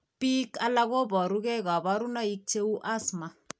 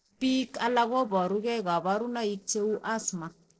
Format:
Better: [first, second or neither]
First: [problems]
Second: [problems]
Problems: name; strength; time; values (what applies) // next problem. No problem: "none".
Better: first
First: none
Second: noise reduction (neural separator model SepFormer DNS4)